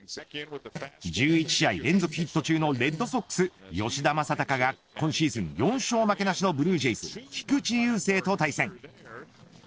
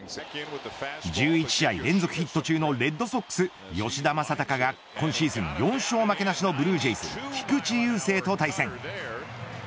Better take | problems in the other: second | noise reduction (neural separator model SepFormer DNS4)

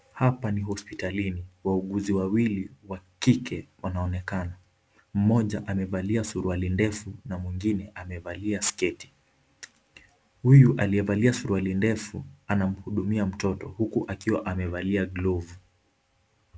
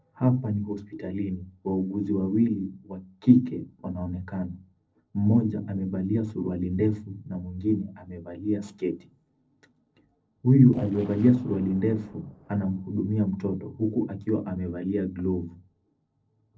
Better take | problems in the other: first | noise reduction (neural separator model SepFormer DNS4)

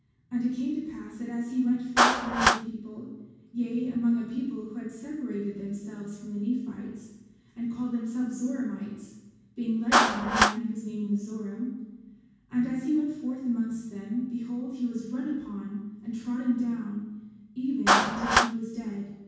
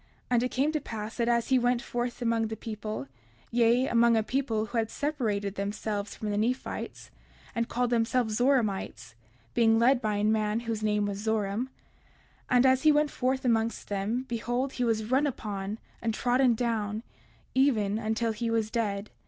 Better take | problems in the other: second | background sound (Clapping); 1 dB below the speech // room echo; dies away in 1.2 s

